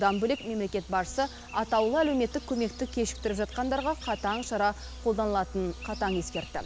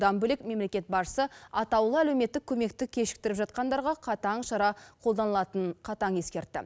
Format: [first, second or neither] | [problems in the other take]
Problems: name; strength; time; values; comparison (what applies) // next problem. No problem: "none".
second | background sound (Insect + Bird vocalization, bird call, bird song); 13 dB below the speech